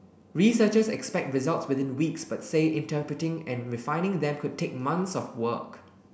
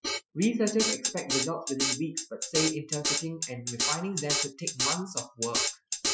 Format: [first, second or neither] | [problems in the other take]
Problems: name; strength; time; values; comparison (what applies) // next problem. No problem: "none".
first | noise reduction (classical method Wiener filter)